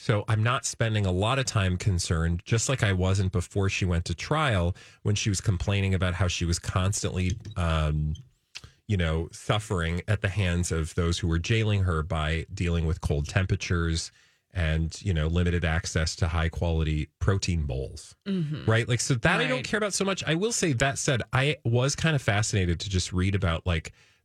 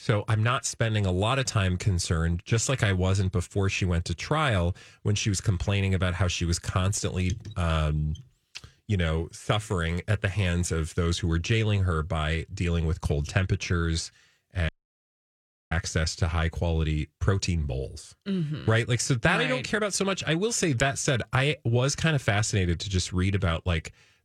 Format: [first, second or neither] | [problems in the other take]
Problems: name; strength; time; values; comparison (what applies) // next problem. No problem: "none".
first | audio cutting out; at 15 s for 1 s